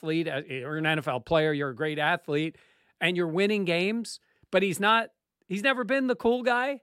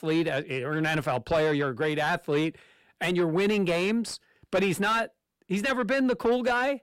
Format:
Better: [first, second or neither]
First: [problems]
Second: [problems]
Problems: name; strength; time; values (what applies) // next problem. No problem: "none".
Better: first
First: none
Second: distortion; heavy; 7 dB below the speech